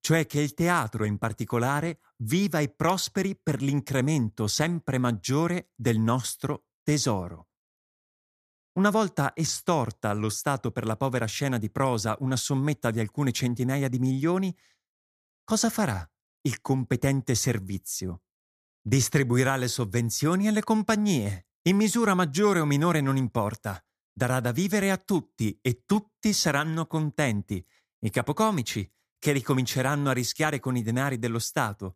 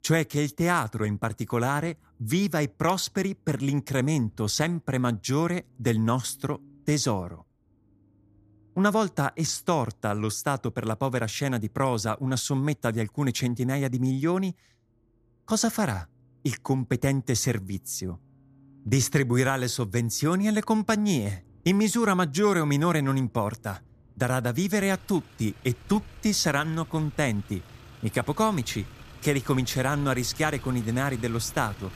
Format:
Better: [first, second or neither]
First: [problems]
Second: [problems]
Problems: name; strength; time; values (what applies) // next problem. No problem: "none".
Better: first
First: none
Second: traffic noise; faint; throughout; 25 dB below the speech